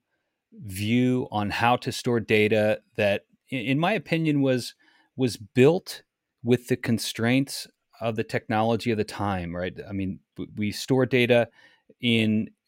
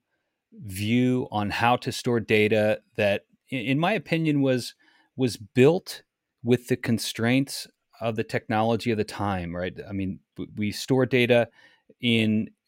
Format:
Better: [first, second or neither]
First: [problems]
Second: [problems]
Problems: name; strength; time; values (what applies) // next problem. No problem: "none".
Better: neither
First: none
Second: none